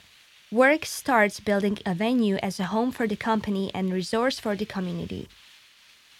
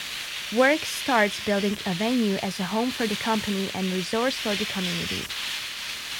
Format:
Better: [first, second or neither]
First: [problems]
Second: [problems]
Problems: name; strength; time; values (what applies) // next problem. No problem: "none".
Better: first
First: hiss; faint; throughout; 25 dB below the speech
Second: hiss; loud; throughout; 4 dB below the speech